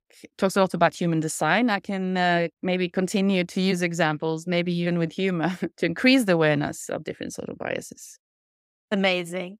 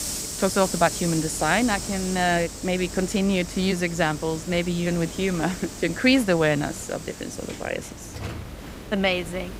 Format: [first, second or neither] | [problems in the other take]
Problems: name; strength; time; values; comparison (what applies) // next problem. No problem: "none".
first | hiss; loud; throughout; 9 dB below the speech